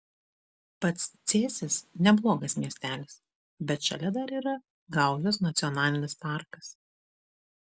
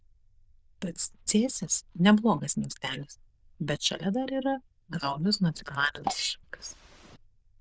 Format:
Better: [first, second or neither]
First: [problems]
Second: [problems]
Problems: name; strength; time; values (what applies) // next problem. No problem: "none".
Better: first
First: none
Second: noise reduction (neural diffusion model UNIVERSE++)